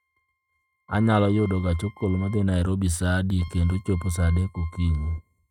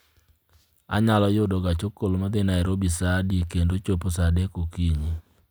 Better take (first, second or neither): second